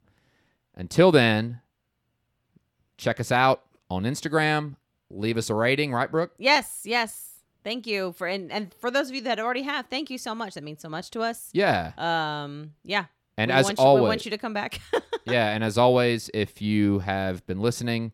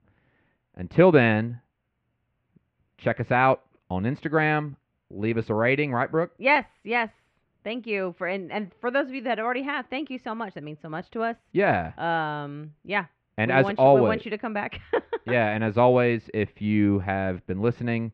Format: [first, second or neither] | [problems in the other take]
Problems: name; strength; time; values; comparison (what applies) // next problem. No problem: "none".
first | muffled; very; fading above 2.5 kHz